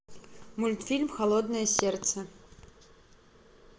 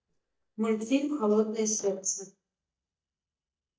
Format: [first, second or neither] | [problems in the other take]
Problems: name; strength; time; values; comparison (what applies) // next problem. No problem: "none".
first | noise reduction (neural mask model DeepFilterNet 3)